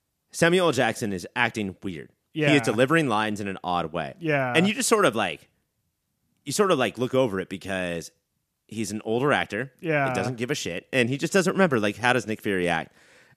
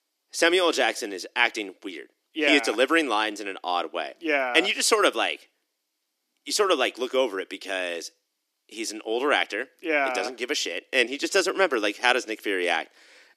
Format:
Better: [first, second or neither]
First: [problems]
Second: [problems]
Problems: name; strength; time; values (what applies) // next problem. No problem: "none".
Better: first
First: none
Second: thin; somewhat; fading below 300 Hz